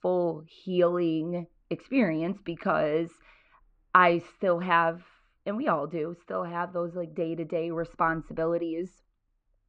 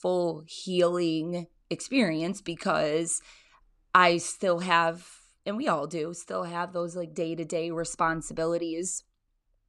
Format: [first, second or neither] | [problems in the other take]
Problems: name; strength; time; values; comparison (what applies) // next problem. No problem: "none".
second | muffled; very; fading above 2.5 kHz